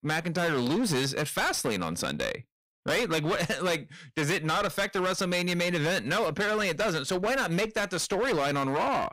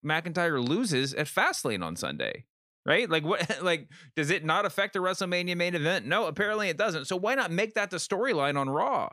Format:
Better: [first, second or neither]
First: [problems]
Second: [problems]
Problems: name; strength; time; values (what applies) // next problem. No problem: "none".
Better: second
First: distortion; heavy; 26% of the sound clipped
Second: none